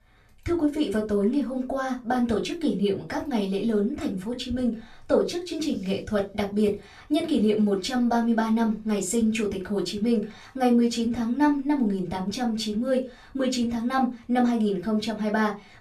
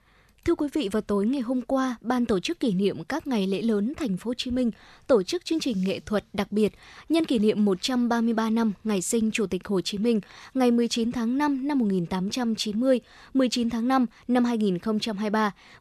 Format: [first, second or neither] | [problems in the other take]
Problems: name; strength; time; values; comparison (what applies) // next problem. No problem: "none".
second | off-mic speech; far // room echo; very slight; dies away in 0.2 s